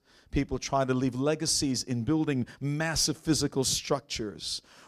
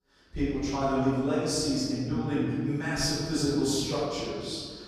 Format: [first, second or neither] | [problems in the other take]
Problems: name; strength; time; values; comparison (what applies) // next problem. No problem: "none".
first | room echo; strong; dies away in 1.7 s // off-mic speech; far